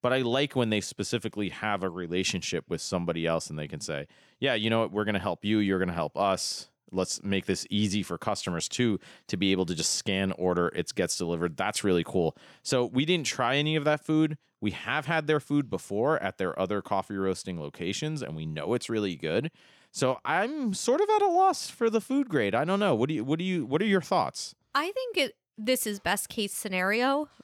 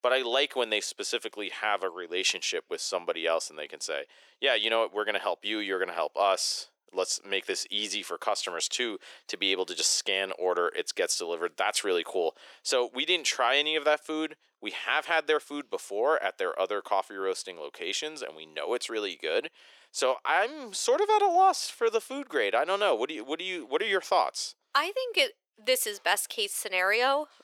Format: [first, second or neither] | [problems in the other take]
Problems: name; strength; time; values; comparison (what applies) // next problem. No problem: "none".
first | thin; very; fading below 400 Hz